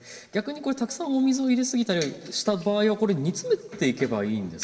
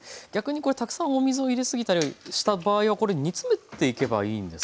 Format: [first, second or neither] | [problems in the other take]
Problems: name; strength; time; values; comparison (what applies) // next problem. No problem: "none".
second | room echo; dies away in 1.8 s